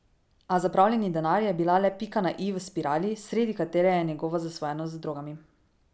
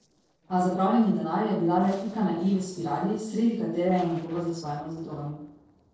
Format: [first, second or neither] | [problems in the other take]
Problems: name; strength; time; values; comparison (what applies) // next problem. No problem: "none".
first | noise reduction (neural separator model SepFormer DNS4)